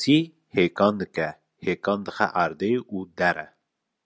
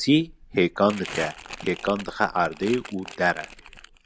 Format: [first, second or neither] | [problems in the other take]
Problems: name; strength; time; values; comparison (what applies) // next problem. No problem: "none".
first | background sound (Crumpling, crinkling); 15 dB below the speech